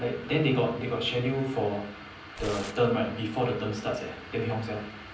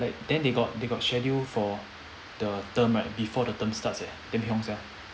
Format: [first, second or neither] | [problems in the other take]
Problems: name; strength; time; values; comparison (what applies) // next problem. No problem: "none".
second | background sound (Tearing); 14 dB below the speech // room echo; dies away in 0.6 s